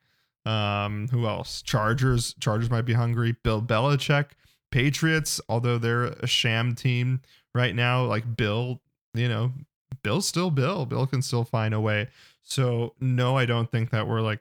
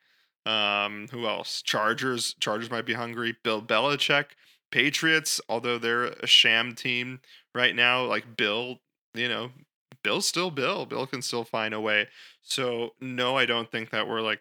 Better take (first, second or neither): first